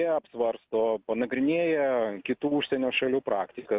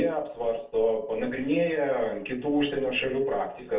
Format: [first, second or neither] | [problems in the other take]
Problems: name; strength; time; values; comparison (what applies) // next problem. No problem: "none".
first | room echo; dies away in 0.3 s